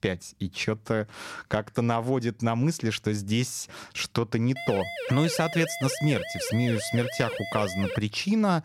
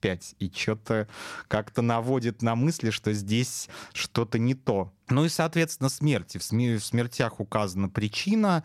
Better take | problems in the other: second | siren; noticeable; from 4.5 to 8 s; peak 5 dB below the speech

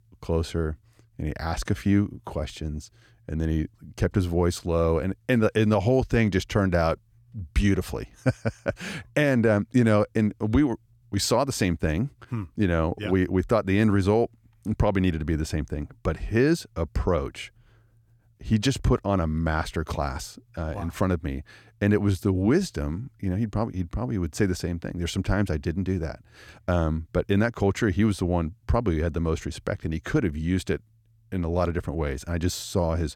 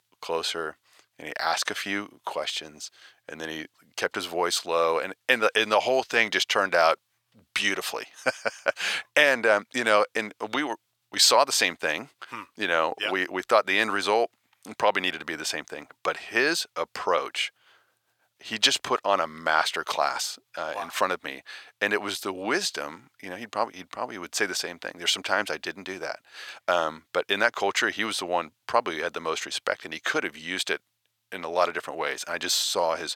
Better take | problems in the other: first | thin; very; fading below 800 Hz

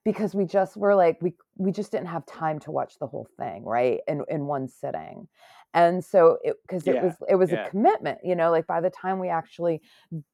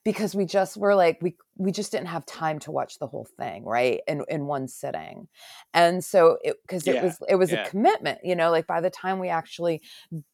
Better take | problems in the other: second | muffled; slightly; fading above 2.5 kHz

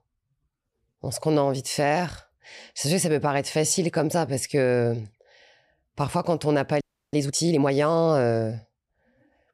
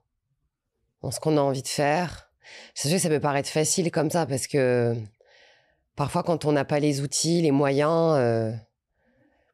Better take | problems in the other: second | audio freezing; at 7 s

